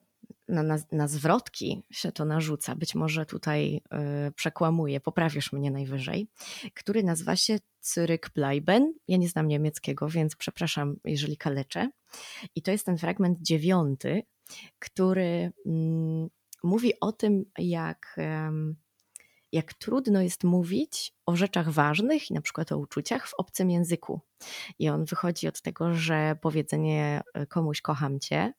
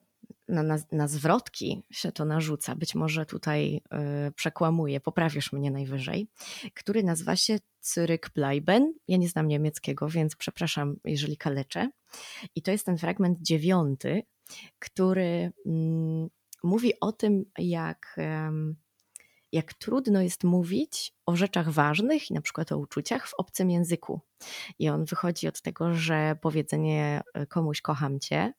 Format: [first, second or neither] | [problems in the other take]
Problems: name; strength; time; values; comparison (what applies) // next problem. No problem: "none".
neither | none